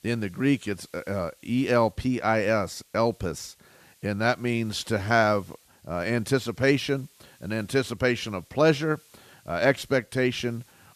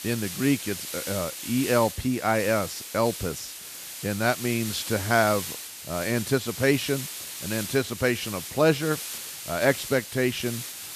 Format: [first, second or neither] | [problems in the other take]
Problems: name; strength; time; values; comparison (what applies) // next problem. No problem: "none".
first | hiss; loud; throughout; 8 dB below the speech; faint in the first